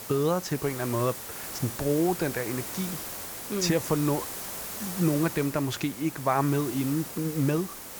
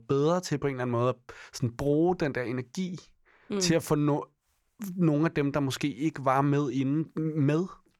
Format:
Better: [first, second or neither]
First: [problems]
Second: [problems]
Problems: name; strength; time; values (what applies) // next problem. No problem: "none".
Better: second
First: hiss; loud; throughout; 7 dB below the speech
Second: none